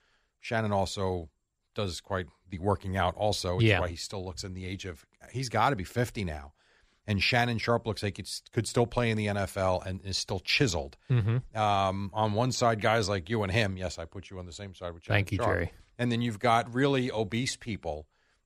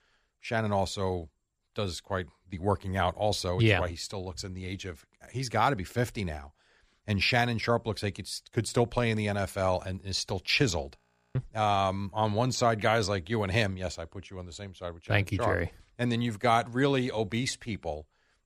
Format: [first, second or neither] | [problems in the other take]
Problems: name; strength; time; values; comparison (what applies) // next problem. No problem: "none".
first | audio freezing; at 11 s